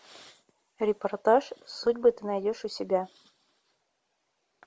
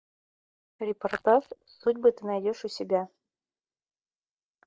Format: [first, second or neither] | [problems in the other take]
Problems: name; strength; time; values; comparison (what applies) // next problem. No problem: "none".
first | noise reduction (neural mask model DeepFilterNet 3)